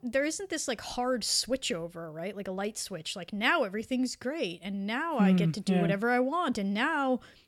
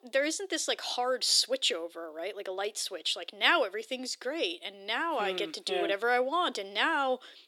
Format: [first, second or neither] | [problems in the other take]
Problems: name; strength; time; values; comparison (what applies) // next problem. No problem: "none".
first | thin; very; fading below 350 Hz